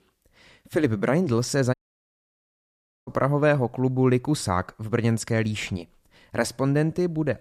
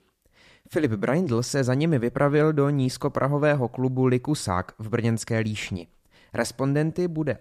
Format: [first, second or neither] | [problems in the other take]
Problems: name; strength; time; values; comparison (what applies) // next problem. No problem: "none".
second | audio cutting out; at 1.5 s for 1.5 s